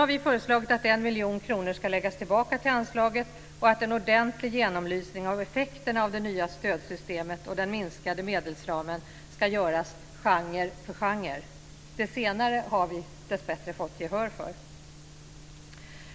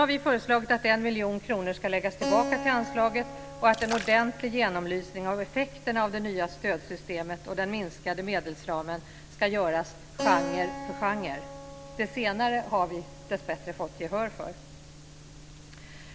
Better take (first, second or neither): first